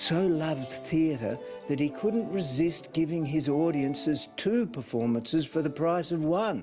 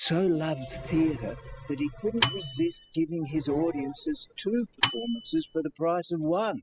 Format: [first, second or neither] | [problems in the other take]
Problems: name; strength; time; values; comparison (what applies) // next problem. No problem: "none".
first | noise reduction (classical method spectral subtraction)